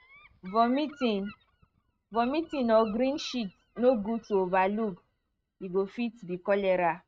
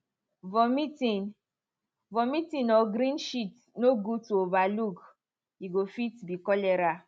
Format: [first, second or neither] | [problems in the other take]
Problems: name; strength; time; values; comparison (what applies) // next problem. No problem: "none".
second | noise reduction (neural mask model RNNoise)